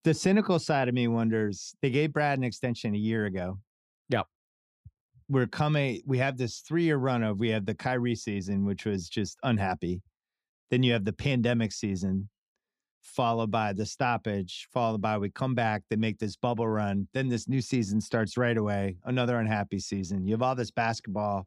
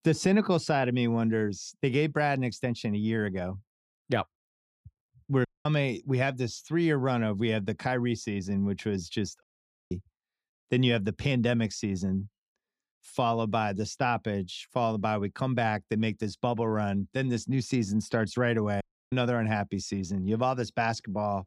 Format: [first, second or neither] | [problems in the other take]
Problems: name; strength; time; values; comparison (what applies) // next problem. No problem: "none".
first | audio cutting out; at 5.5 s, at 9.5 s and at 19 s